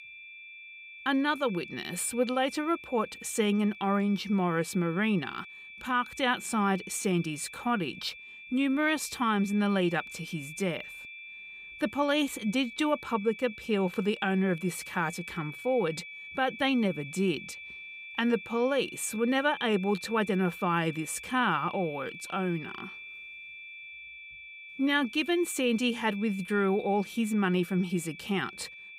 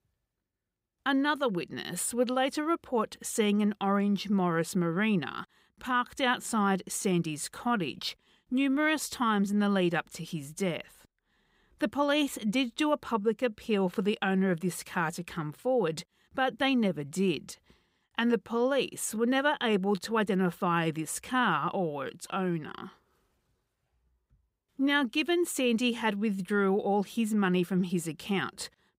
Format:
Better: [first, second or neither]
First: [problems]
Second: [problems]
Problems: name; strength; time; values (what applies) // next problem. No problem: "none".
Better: second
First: high-pitched whine; noticeable; throughout; 2.5 kHz, 15 dB below the speech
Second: none